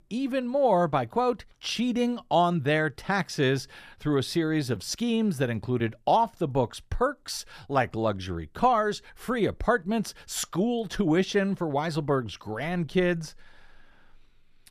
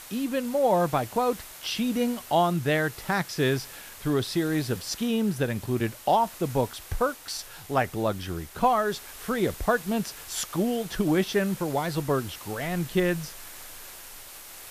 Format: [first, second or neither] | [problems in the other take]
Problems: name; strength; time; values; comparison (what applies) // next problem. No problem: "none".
first | hiss; noticeable; throughout; 15 dB below the speech